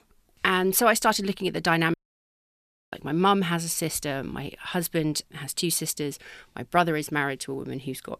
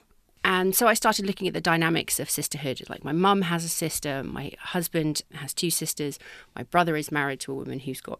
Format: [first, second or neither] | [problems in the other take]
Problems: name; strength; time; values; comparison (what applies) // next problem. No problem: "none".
second | audio cutting out; at 2 s for 1 s